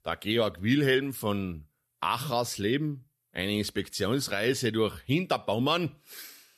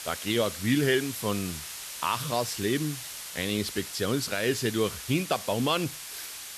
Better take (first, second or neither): first